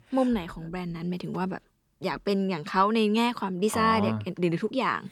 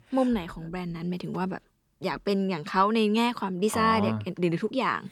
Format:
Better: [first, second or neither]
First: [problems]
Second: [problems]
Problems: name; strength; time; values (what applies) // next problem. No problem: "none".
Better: neither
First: none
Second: none